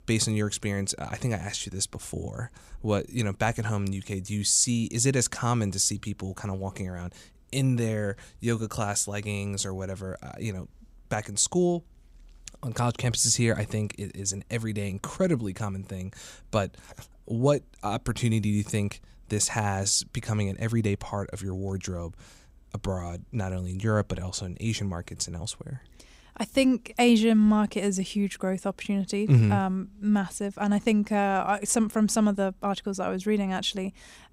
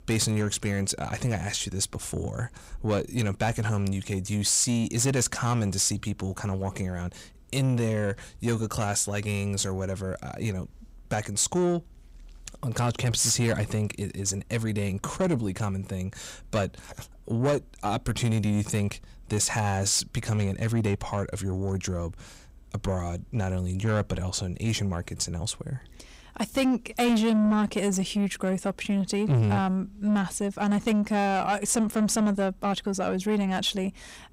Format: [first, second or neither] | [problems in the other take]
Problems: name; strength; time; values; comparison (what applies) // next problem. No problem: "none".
first | distortion; slight; 10 dB below the speech